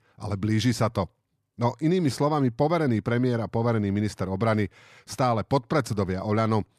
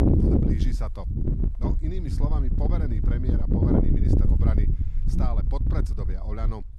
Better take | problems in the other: first | wind noise on the microphone; heavy; 5 dB above the speech

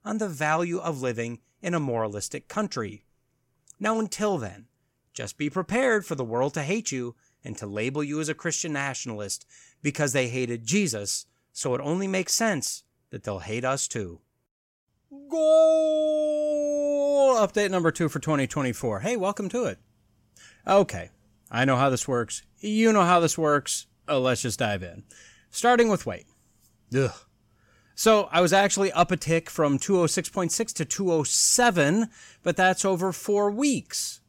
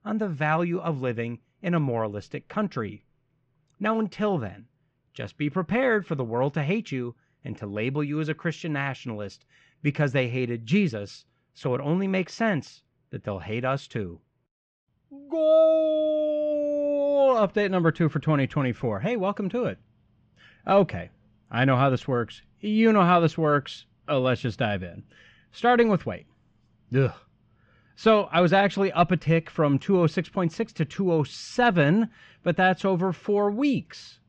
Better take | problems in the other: first | muffled; very; fading above 3.5 kHz

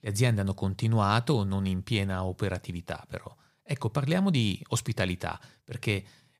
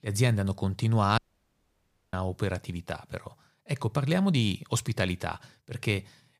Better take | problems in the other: first | audio cutting out; at 1 s for 1 s

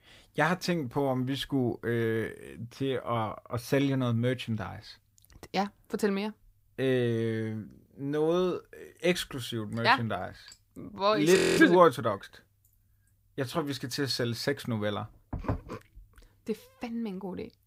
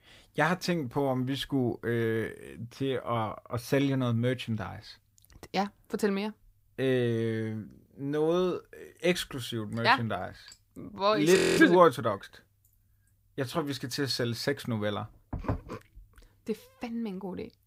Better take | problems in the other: neither | audio freezing; at 11 s; the same in both

